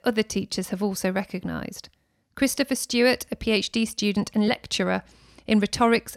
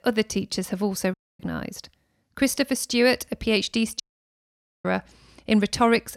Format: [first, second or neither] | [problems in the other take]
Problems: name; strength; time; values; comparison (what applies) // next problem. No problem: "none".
first | audio cutting out; at 1 s and at 4 s for 1 s